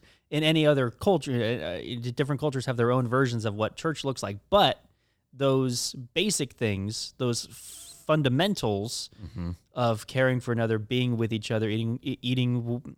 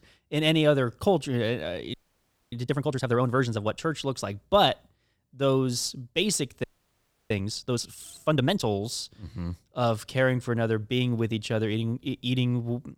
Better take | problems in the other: first | audio freezing; at 2 s for 0.5 s and at 6.5 s for 0.5 s

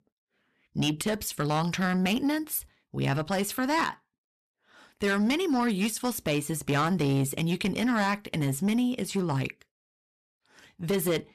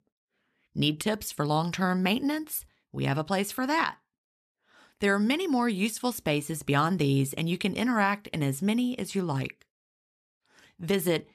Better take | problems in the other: second | distortion; slight; 10 dB below the speech

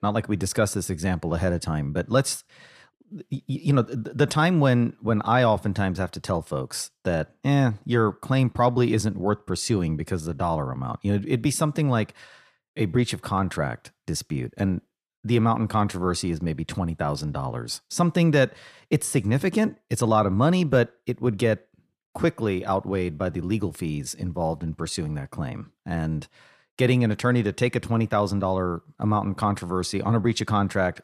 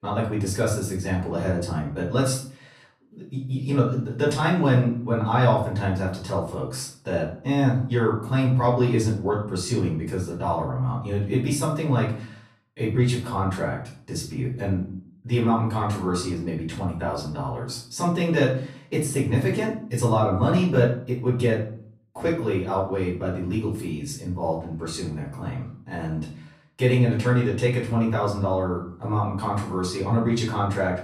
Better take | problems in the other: first | off-mic speech; far // room echo; slight; dies away in 0.4 s

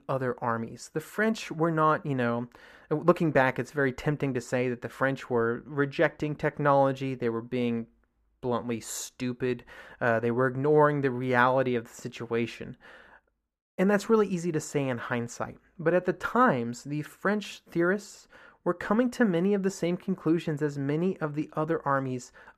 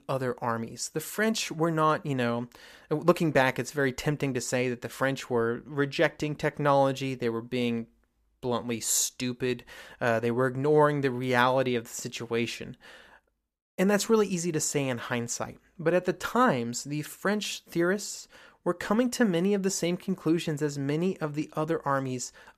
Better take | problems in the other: second | muffled; slightly; fading above 2.5 kHz

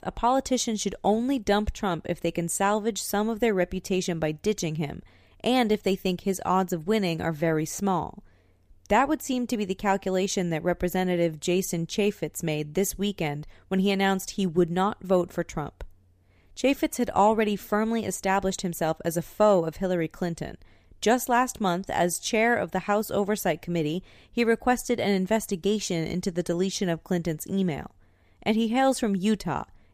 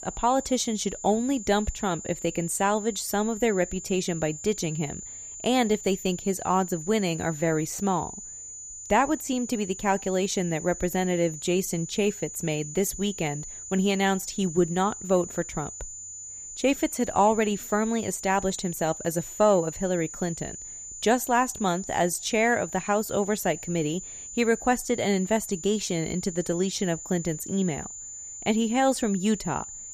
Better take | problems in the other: first | high-pitched whine; noticeable; throughout; 7 kHz, 10 dB below the speech

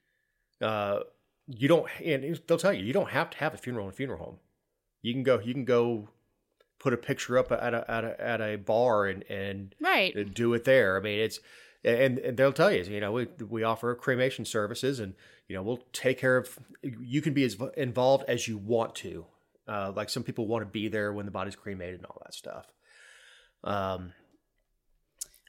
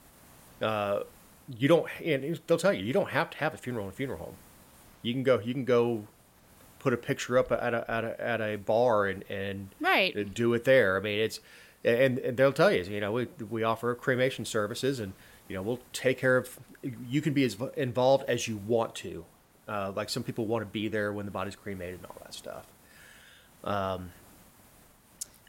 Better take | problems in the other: first | hiss; faint; throughout; 30 dB below the speech

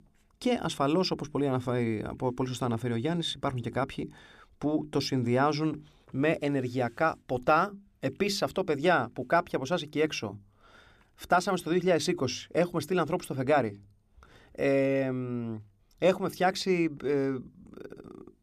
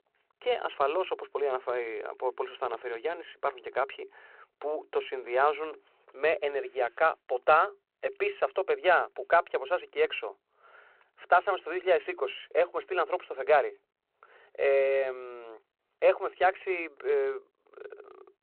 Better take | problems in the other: first | phone-call audio; nothing above 4 kHz

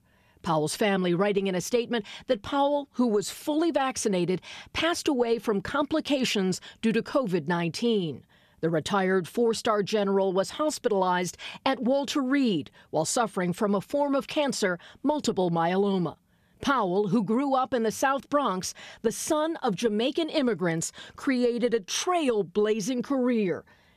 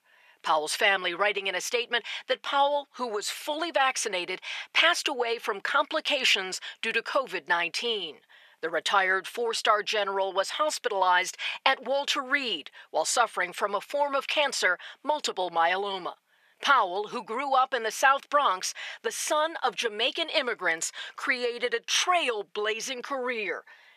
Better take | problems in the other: first | thin; very; fading below 700 Hz

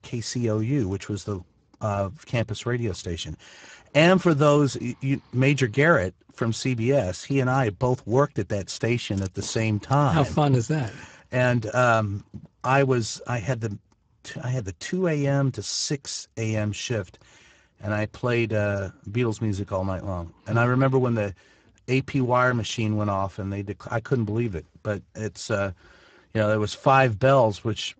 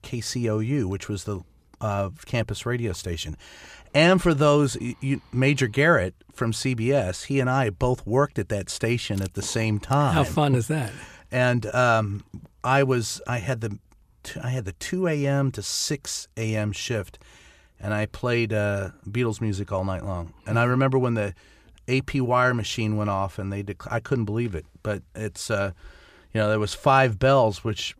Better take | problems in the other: second | garbled, watery; badly; nothing above 7.5 kHz

